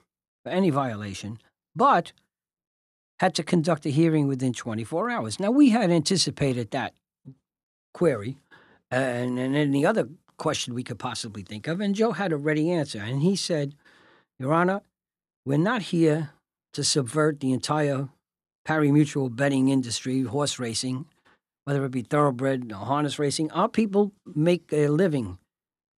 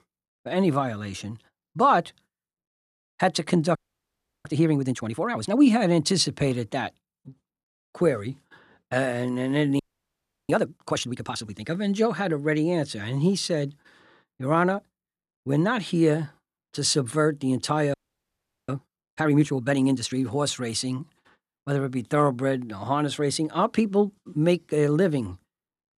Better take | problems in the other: first | audio freezing; at 4 s for 0.5 s, at 10 s for 0.5 s and at 18 s for 0.5 s

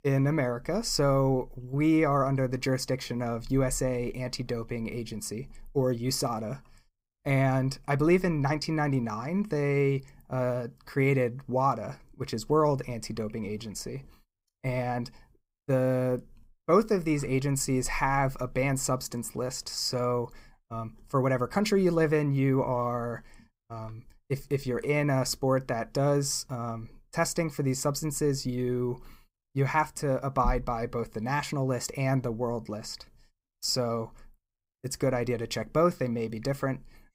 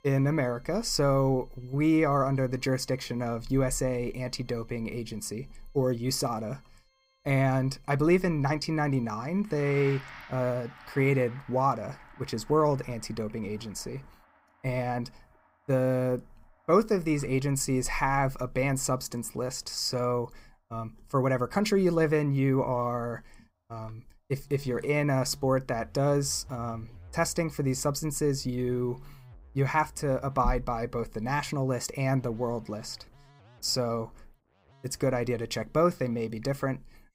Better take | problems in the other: first | background music; faint; throughout; 25 dB below the speech

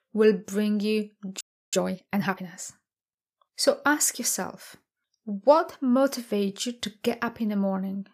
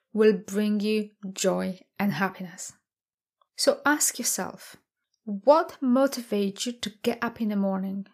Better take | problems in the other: second | audio freezing; at 1.5 s

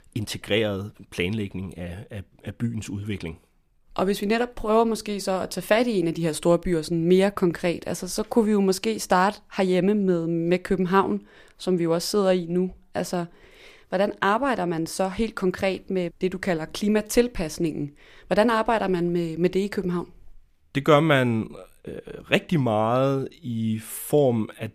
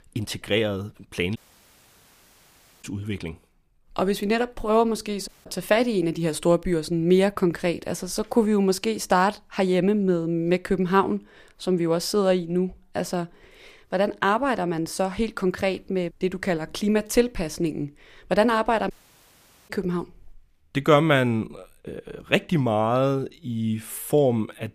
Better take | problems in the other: first | audio cutting out; at 1.5 s for 1.5 s, at 5.5 s and at 19 s for 1 s

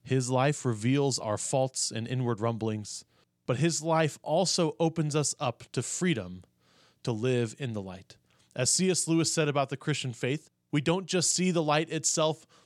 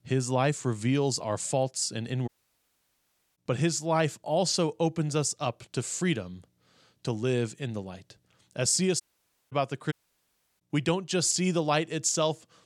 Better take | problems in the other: first | audio cutting out; at 2.5 s for 1 s, at 9 s for 0.5 s and at 10 s for 0.5 s

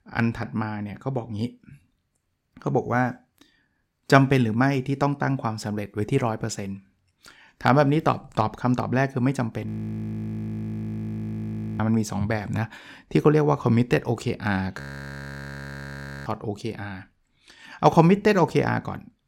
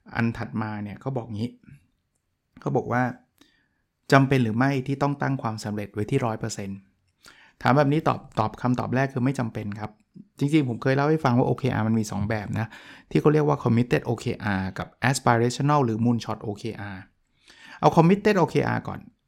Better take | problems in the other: second | audio freezing; at 9.5 s for 2 s and at 15 s for 1.5 s

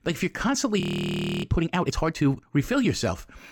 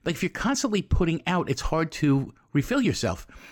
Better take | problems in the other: second | audio freezing; at 1 s for 0.5 s

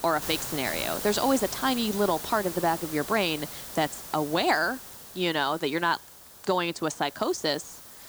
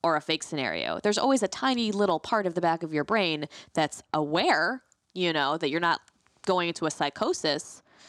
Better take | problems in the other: second | hiss; loud; throughout; 9 dB below the speech

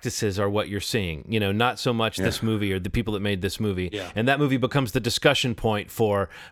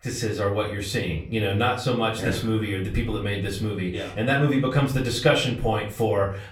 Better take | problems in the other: first | off-mic speech; far // room echo; slight; dies away in 0.4 s

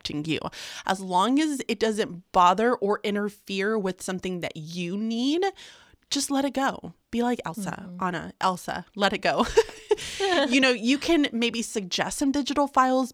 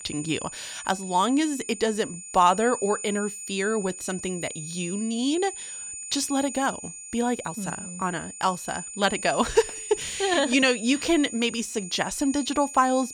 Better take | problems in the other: first | high-pitched whine; loud; throughout; 7 kHz, 10 dB below the speech

